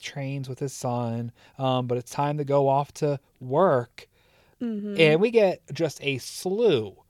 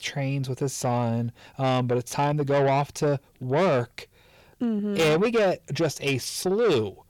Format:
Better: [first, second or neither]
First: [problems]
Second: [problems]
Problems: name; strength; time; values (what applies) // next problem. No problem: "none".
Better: first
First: none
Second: distortion; heavy; 8 dB below the speech